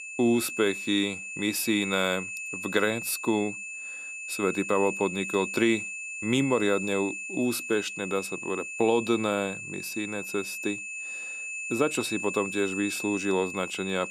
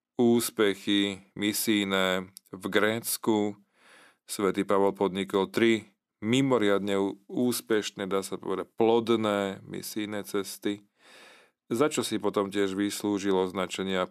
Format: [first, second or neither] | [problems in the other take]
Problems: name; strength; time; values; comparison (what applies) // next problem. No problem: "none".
second | high-pitched whine; loud; throughout; 2.5 kHz, 6 dB below the speech